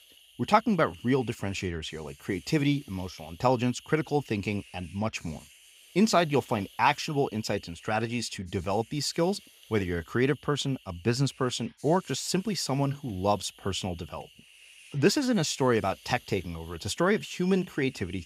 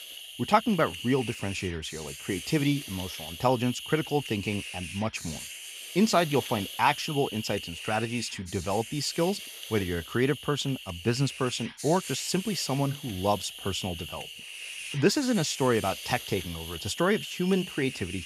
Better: first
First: hiss; faint; throughout; 25 dB below the speech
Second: hiss; loud; throughout; 9 dB below the speech

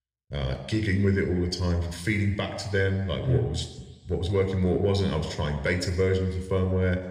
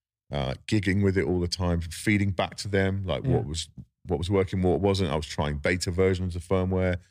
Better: second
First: room echo; slight; dies away in 1.1 s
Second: none

